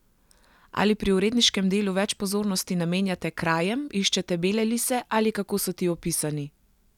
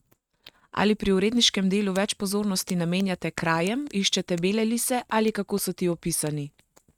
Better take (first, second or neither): first